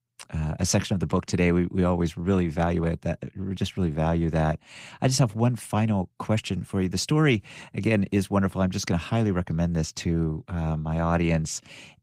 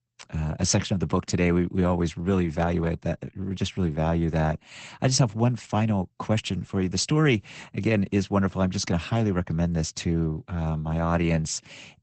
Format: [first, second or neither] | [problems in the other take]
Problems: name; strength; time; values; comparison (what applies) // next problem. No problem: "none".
first | garbled, watery; badly; nothing above 8 kHz; slightly in the first